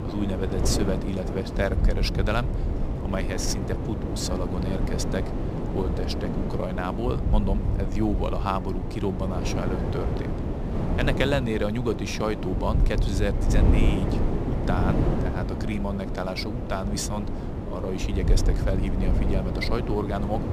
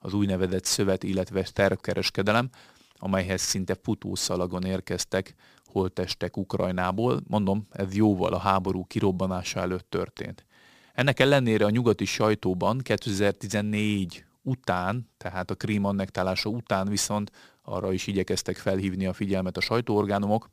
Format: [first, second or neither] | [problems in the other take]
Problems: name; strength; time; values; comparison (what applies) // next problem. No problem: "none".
second | wind noise on the microphone; heavy; 4 dB below the speech